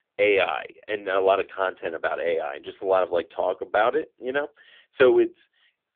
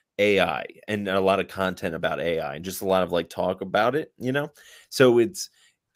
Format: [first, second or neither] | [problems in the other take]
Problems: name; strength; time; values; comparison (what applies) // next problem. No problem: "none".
second | phone-call audio; poor line; nothing above 3.5 kHz